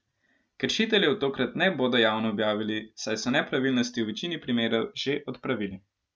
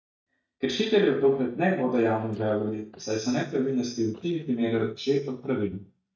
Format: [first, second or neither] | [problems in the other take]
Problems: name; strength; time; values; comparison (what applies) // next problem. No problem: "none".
first | noise reduction (neural mask model DeepFilterNet 3)